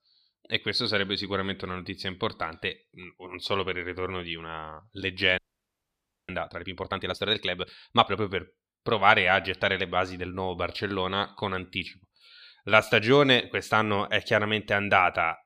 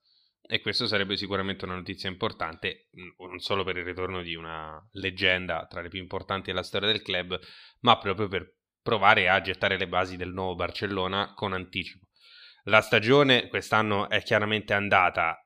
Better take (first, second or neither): second